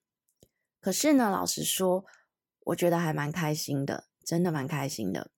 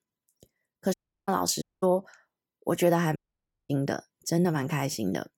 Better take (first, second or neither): first